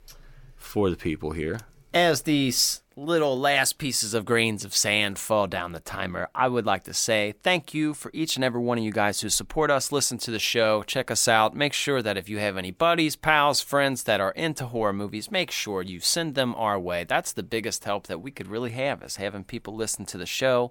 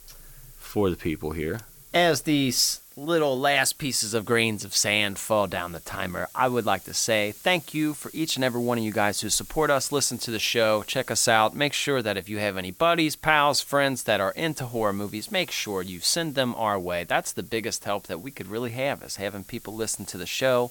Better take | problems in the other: first | hiss; faint; throughout; 20 dB below the speech

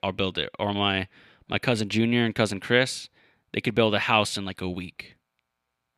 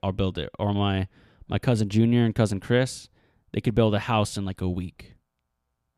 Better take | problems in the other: second | thin; very slightly; fading below 250 Hz

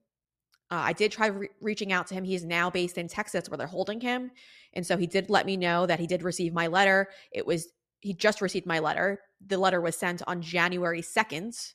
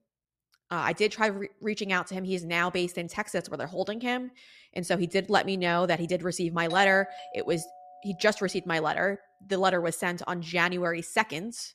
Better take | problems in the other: first | doorbell; faint; from 6.5 to 8.5 s; peak 10 dB below the speech

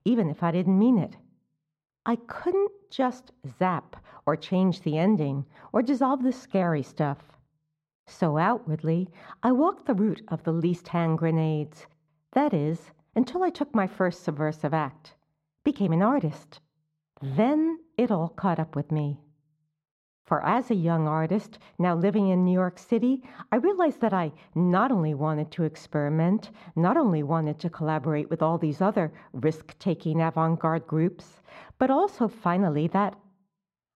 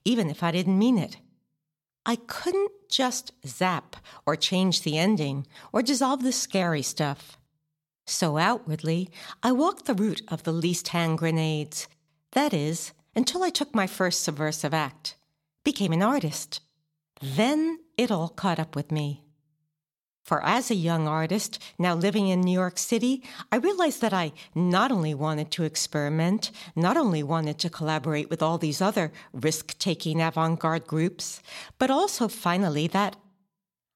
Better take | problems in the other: second | muffled; very; fading above 3 kHz

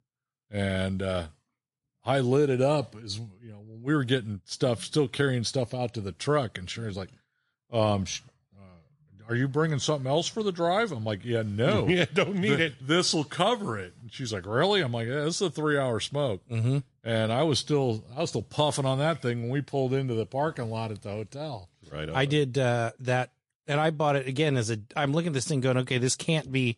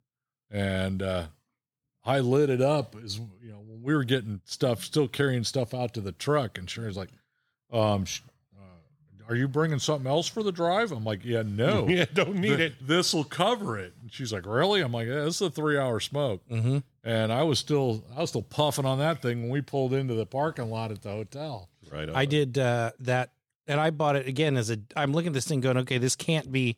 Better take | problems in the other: second | garbled, watery; slightly

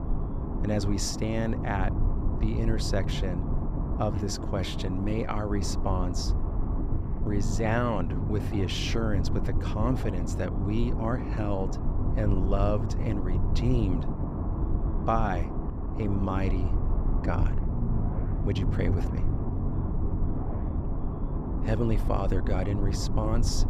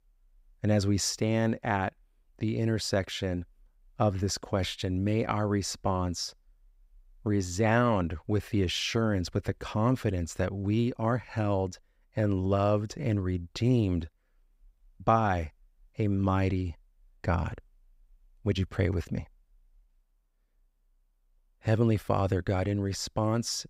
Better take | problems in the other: second | low rumble; loud; throughout; 6 dB below the speech

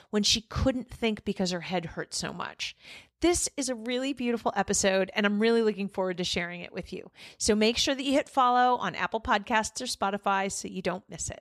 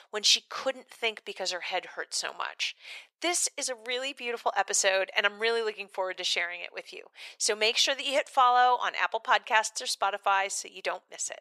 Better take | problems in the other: first | thin; very; fading below 550 Hz

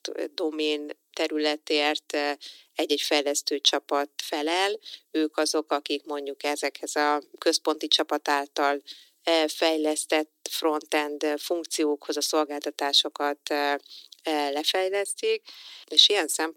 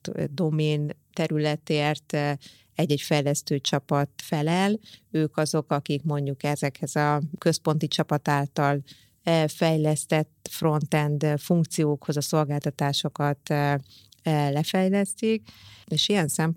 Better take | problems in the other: second | thin; somewhat; fading below 300 Hz

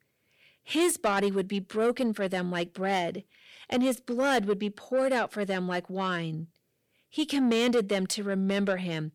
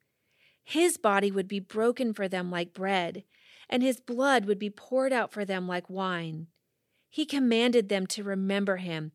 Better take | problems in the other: second | distortion; slight; 10 dB below the speech

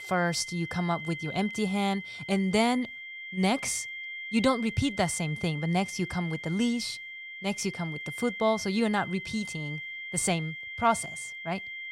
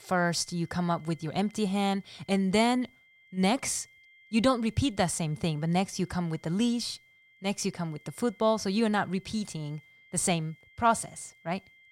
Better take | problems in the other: second | high-pitched whine; loud; throughout; 2 kHz, 8 dB below the speech; faint in the second

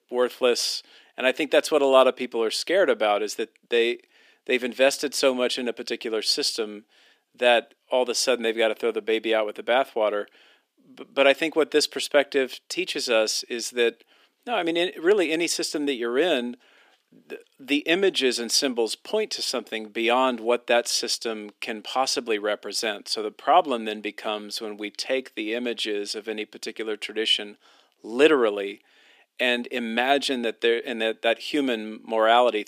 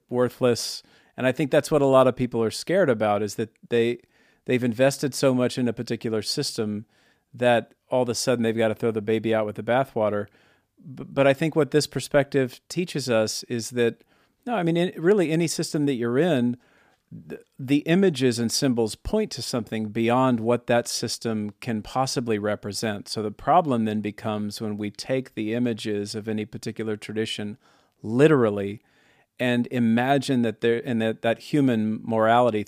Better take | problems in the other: second | thin; somewhat; fading below 300 Hz

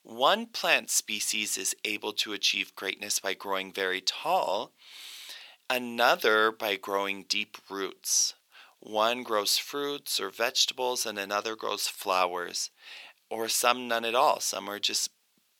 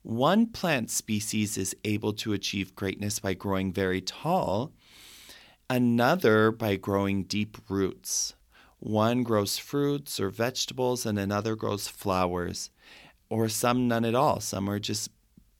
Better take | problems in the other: second | thin; very; fading below 600 Hz

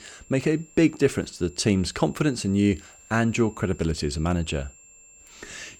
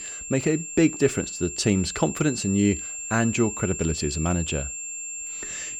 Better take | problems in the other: first | high-pitched whine; loud; throughout; 7.5 kHz, 7 dB below the speech; faint in the first

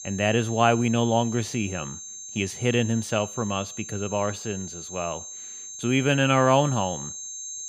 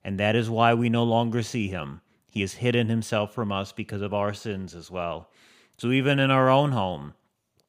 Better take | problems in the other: second | high-pitched whine; noticeable; throughout; 6.5 kHz, 10 dB below the speech

